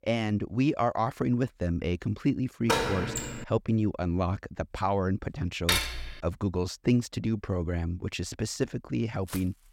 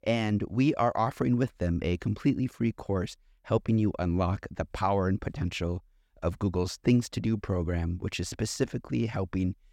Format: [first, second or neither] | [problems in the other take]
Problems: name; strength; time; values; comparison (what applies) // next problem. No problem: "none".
second | door banging; loud; at 2.5 s; peak 3 dB above the speech // clattering dishes; loud; at 5.5 s; peak 4 dB above the speech // footsteps; faint; at 9.5 s; peak 15 dB below the speech